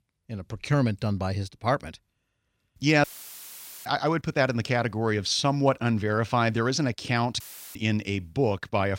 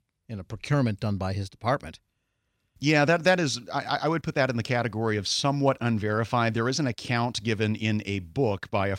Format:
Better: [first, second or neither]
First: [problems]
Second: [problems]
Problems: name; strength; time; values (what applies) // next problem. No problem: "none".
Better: second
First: audio cutting out; filled with static; at 3 s for 1 s and at 7.5 s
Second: none